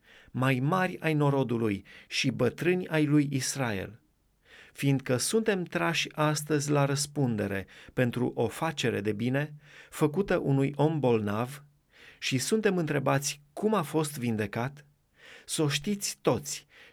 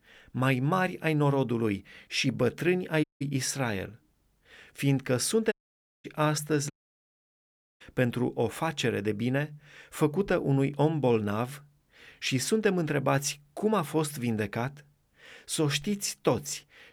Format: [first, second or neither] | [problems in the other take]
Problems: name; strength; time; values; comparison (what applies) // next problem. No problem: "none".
first | audio cutting out; at 3 s, at 5.5 s for 0.5 s and at 6.5 s for 1 s